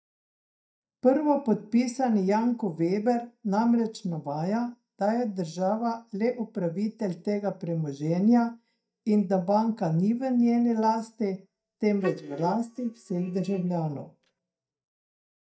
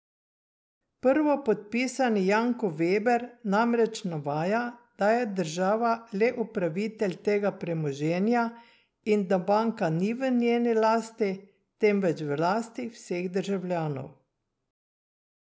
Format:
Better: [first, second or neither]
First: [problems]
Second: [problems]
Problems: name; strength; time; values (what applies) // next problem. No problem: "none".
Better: second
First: noise reduction (neural mask model DeepFilterNet 3)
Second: none